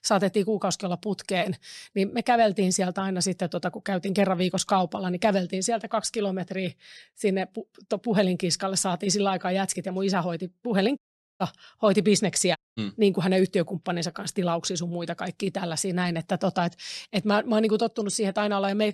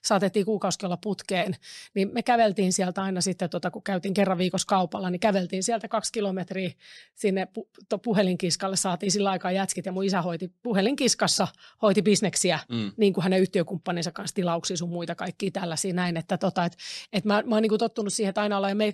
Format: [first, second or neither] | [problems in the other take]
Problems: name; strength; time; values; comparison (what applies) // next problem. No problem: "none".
second | audio cutting out; at 11 s and at 13 s